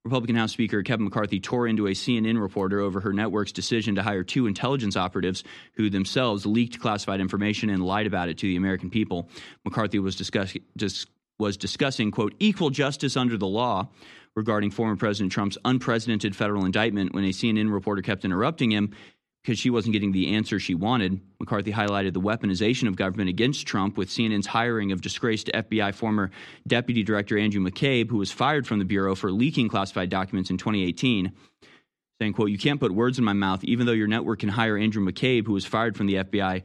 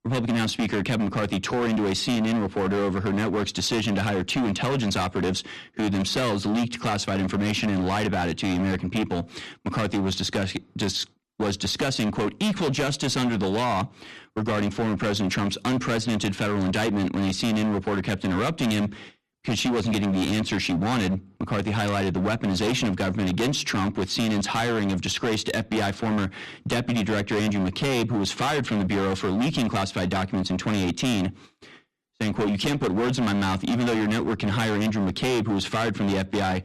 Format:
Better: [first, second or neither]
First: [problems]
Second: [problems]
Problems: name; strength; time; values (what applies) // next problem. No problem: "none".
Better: first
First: none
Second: distortion; heavy; 25% of the sound clipped